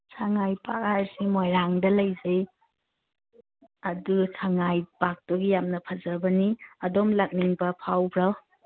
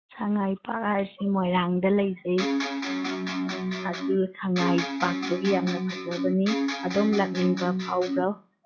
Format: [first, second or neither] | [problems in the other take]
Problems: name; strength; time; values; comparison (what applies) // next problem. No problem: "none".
first | noise reduction (classical method log-MMSE)